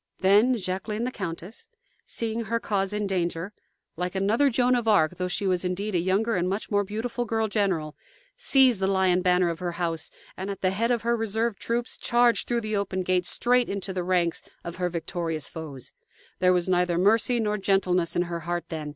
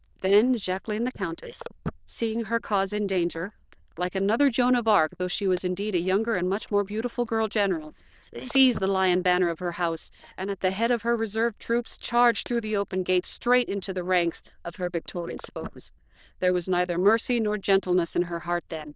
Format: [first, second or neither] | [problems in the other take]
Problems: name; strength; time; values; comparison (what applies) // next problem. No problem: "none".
first | noise reduction (neural diffusion model UNIVERSE++)